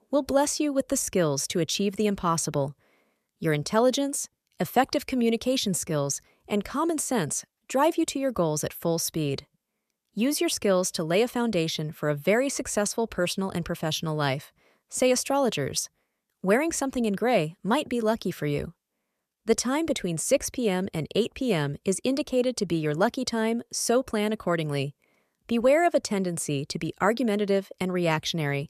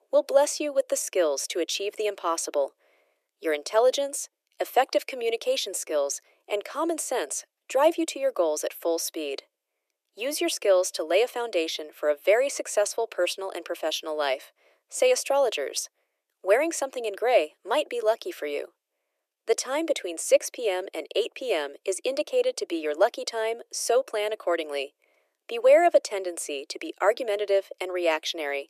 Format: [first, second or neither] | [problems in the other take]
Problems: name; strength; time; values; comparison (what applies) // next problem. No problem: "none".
first | thin; very; fading below 350 Hz